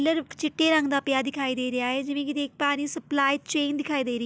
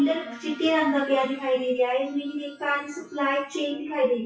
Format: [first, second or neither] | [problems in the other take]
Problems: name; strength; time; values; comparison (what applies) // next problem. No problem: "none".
first | noise reduction (classical method WPE with log-MMSE)